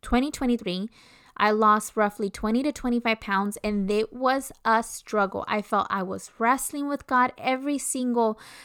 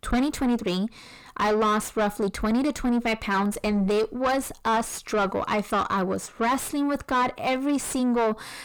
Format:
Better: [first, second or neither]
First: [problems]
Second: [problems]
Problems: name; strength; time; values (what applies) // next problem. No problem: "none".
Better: first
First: none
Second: distortion; heavy; 5 dB below the speech